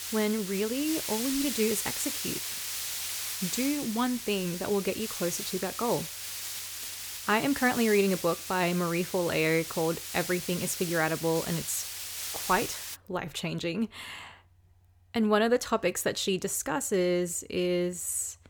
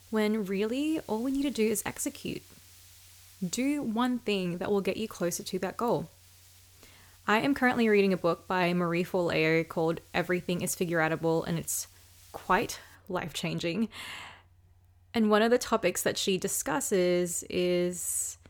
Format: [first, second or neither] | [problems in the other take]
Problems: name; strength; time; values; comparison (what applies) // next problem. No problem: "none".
second | hiss; loud; until 13 s; 5 dB below the speech; faint in the second